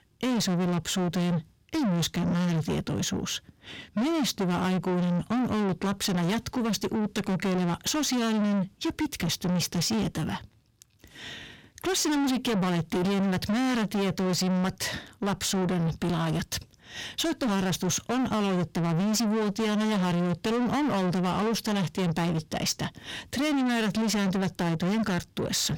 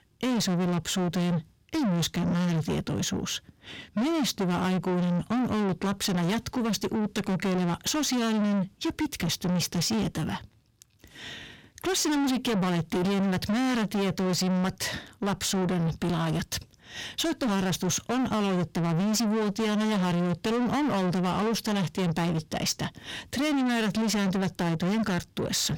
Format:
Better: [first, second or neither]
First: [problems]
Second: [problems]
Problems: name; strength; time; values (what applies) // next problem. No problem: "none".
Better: neither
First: distortion; heavy; 7 dB below the speech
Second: distortion; heavy; 7 dB below the speech